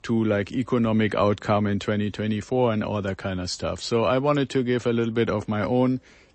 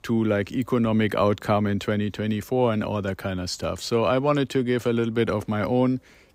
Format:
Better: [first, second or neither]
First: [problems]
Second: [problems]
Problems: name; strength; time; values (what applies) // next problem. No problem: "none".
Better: second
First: garbled, watery; slightly; nothing above 8 kHz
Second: none